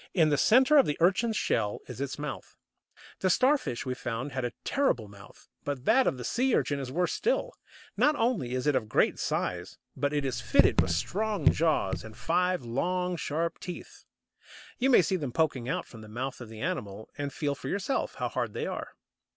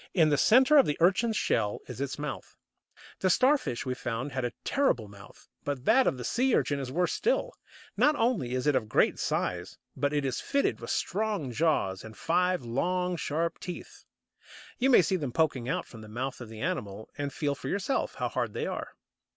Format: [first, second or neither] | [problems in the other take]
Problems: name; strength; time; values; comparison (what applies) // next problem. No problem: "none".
second | background sound (Raindrop / Drip); 1 dB above the speech